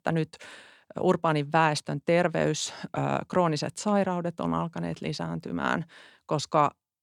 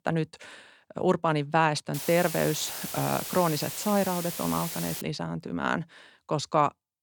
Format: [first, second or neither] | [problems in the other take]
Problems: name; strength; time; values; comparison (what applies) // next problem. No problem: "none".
first | hiss; loud; from 2 to 5 s; 6 dB below the speech